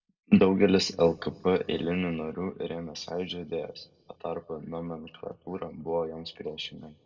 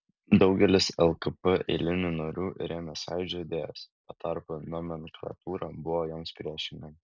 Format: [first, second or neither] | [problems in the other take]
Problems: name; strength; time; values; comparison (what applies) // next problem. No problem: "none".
second | room echo; dies away in 1.4 s